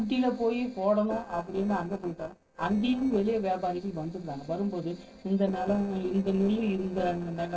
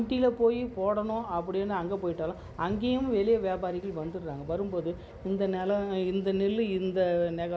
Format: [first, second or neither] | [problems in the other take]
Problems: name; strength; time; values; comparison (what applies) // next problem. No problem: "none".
second | noise reduction (neural separator model SepFormer DNS4)